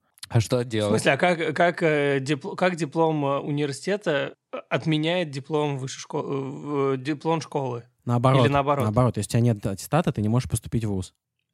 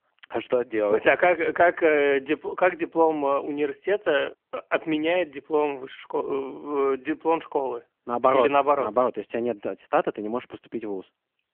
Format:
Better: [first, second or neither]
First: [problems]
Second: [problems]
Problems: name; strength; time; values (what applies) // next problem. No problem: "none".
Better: first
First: none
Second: phone-call audio; nothing above 3 kHz